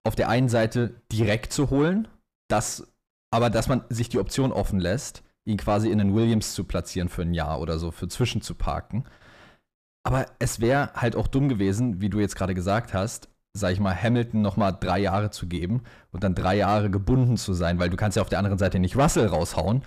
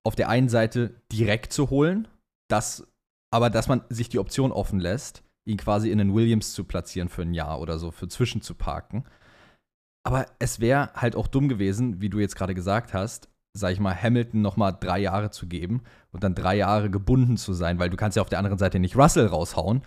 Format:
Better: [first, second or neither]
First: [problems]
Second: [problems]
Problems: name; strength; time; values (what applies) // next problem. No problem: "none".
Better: second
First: distortion; slight; 10 dB below the speech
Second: none